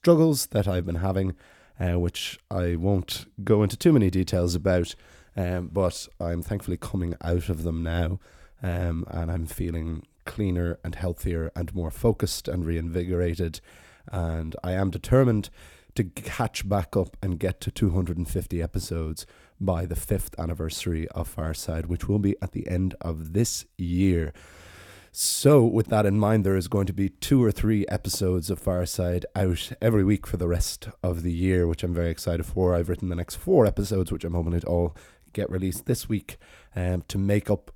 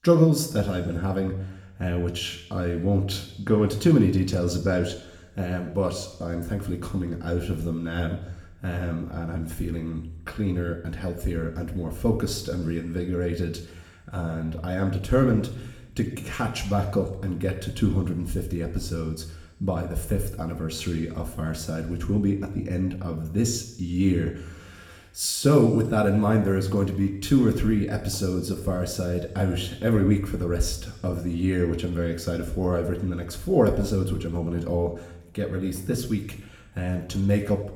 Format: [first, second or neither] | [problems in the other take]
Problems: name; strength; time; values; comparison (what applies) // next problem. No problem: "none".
first | room echo; slight; dies away in 0.8 s // off-mic speech; somewhat distant